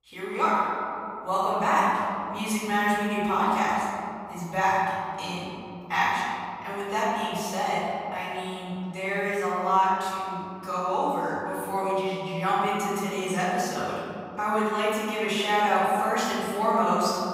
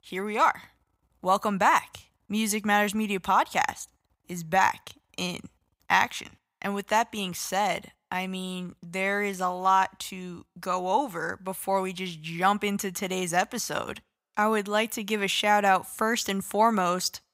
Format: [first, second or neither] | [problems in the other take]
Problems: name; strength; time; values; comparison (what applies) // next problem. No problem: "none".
second | off-mic speech; far // room echo; strong; dies away in 2.6 s